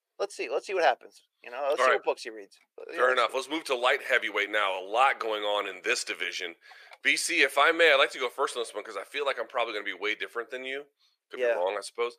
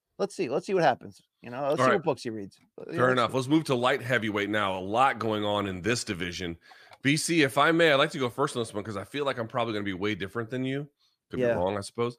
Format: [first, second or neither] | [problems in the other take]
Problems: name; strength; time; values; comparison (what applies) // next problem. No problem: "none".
second | thin; very; fading below 450 Hz